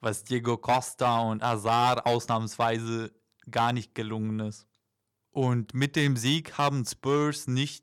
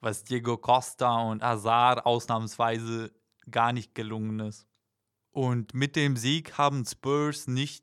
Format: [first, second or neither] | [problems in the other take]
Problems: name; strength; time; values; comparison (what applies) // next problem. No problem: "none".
second | distortion; slight; 4% of the sound clipped